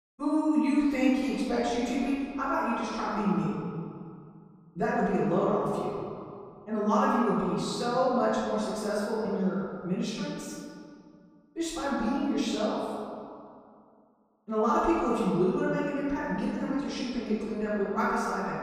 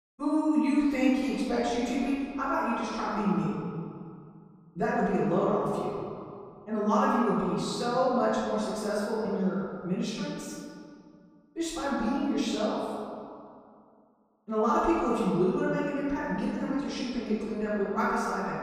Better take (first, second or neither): neither